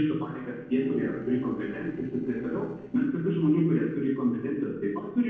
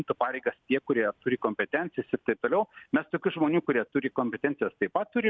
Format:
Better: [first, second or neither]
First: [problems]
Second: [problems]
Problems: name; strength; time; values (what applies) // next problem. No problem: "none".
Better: second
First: noise reduction (neural separator model SepFormer DNS4)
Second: none